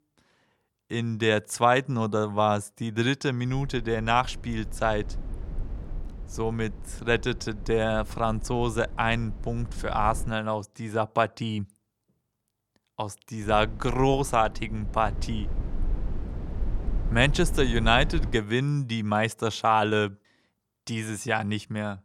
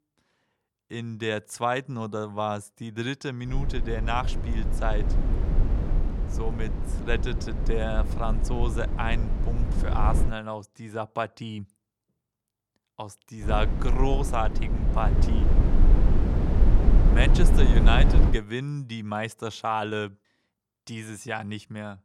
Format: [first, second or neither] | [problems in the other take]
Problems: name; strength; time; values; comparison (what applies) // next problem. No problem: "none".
first | low rumble; loud; from 3.5 to 10 s and from 13 to 18 s; 6 dB below the speech; faint in the first